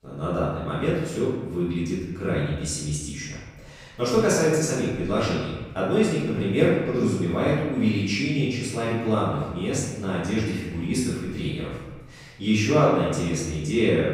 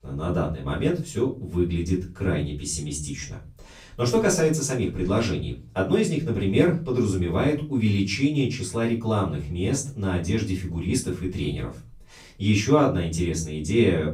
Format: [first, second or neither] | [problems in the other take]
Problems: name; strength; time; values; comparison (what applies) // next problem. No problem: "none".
second | room echo; strong; dies away in 1.1 s; slight in the second // off-mic speech; far; far in the second